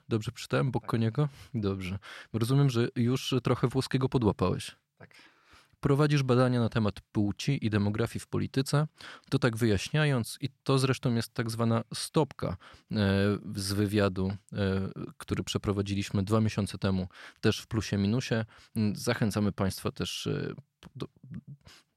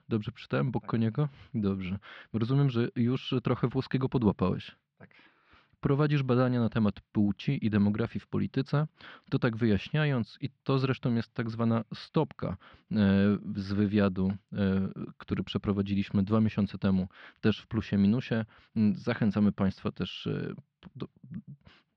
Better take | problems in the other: first | muffled; slightly; fading above 4 kHz

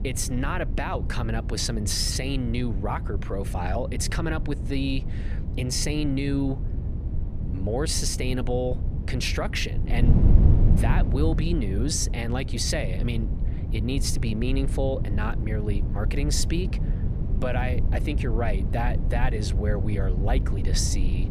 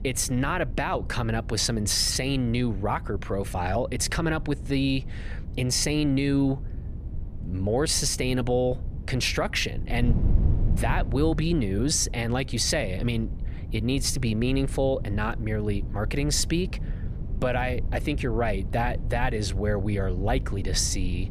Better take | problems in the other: second | wind noise on the microphone; heavy; 10 dB below the speech; occasional gusts in the second

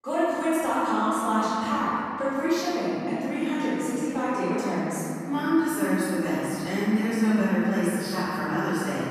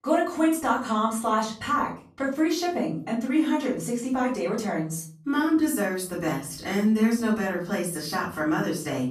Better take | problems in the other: second | room echo; strong; dies away in 3 s; slight in the second // off-mic speech; far; far in the second

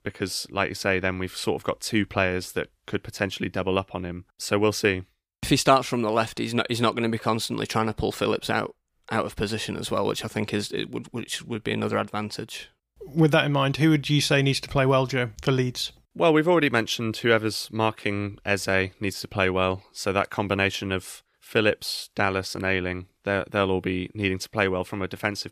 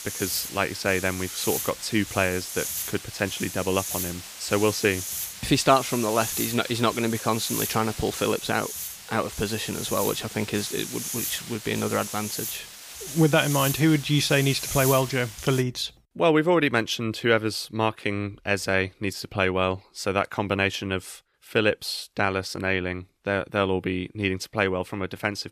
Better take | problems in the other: first | hiss; loud; until 16 s; 6 dB below the speech

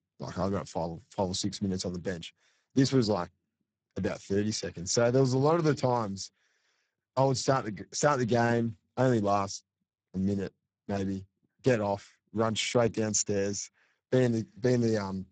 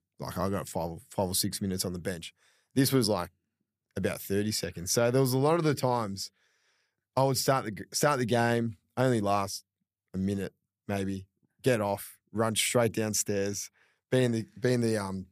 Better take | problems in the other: second | garbled, watery; badly; nothing above 7.5 kHz

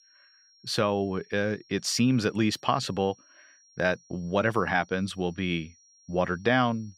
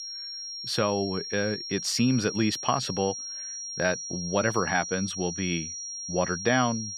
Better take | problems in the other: first | high-pitched whine; loud; throughout; 5.5 kHz, 6 dB below the speech; faint in the first

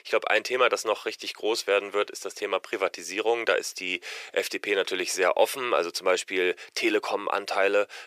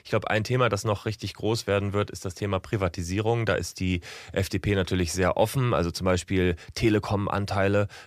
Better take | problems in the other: second | thin; very; fading below 400 Hz

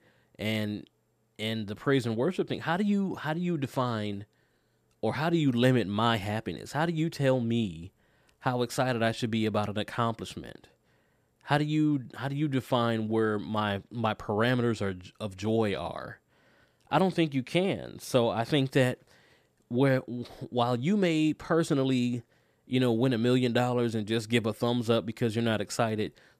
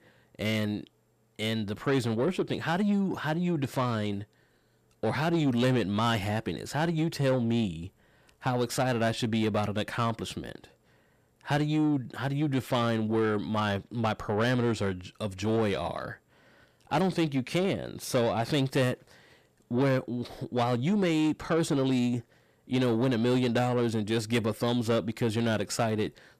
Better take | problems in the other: first | distortion; slight; 10 dB below the speech

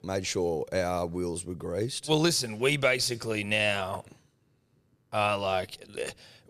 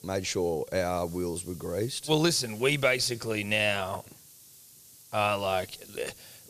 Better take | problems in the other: first | hiss; faint; throughout; 20 dB below the speech

